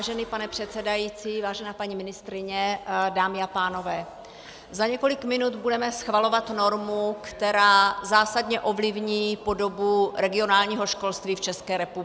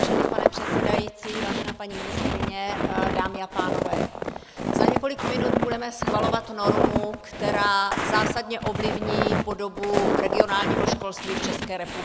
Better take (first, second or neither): first